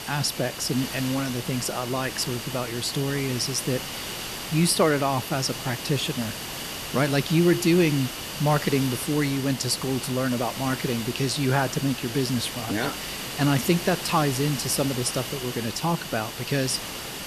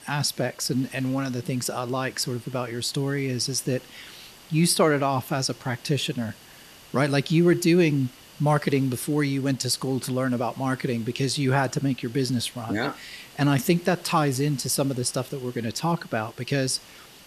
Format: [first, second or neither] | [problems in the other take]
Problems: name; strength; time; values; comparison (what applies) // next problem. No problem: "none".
second | hiss; loud; throughout; 7 dB below the speech; faint in the second